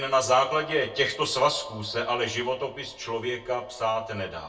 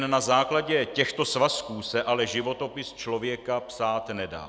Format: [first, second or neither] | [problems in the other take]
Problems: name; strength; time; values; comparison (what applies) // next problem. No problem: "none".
second | room echo; dies away in 0.2 s